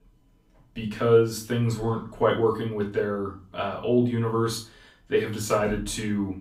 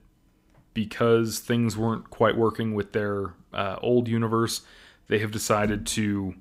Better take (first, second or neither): second